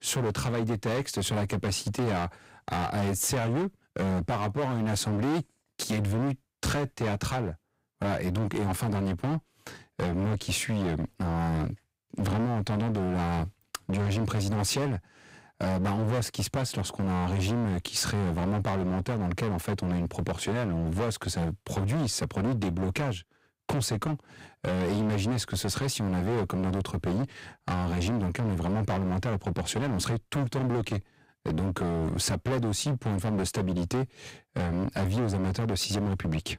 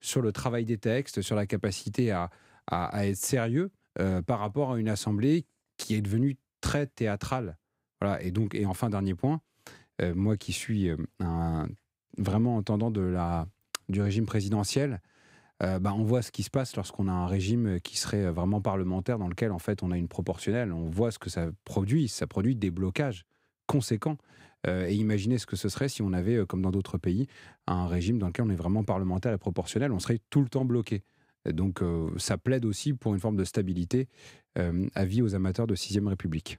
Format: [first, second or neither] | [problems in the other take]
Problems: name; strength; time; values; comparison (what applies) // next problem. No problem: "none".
second | distortion; heavy; 25% of the sound clipped